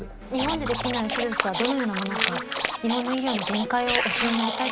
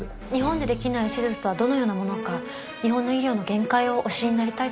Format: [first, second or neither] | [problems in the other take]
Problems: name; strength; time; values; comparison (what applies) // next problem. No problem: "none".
second | background sound (Scratching (performance technique) + Wood); 2 dB below the speech